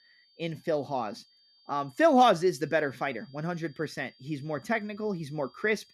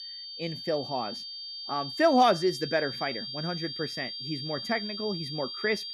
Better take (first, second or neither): first